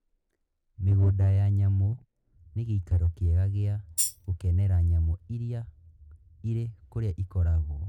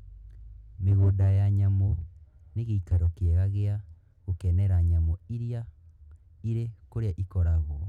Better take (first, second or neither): second